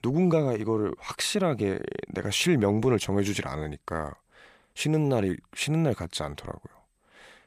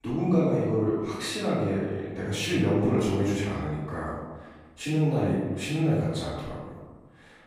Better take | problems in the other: first | off-mic speech; far // room echo; strong; dies away in 1.3 s

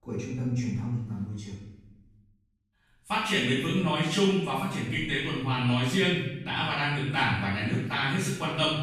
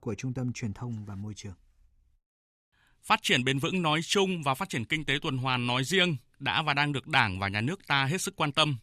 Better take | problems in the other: second | off-mic speech; far // room echo; strong; dies away in 0.8 s

